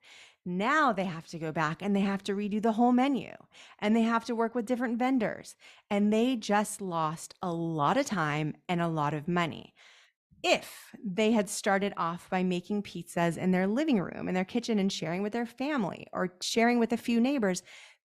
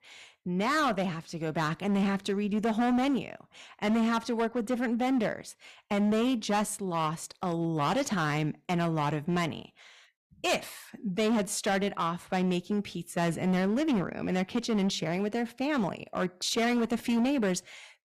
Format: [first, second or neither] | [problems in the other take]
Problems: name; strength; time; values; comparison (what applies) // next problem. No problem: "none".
first | distortion; slight; 12% of the sound clipped